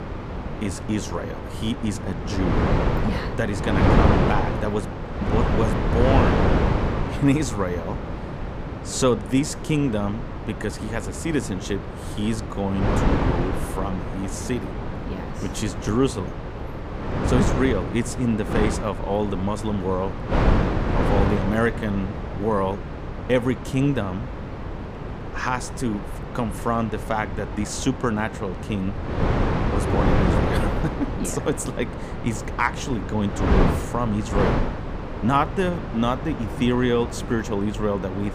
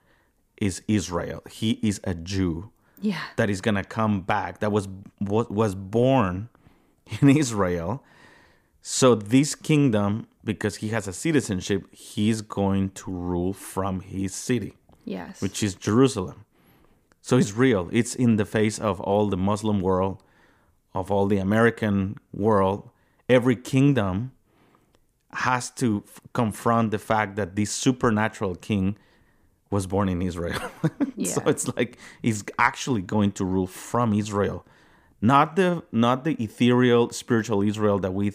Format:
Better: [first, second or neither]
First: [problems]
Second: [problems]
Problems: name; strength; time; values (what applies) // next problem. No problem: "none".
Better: second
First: wind noise on the microphone; heavy; 2 dB below the speech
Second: none